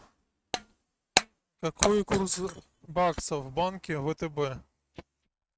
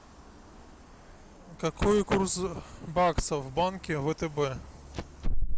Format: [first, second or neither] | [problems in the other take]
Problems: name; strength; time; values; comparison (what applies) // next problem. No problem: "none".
second | noise reduction (neural mask model RNNoise)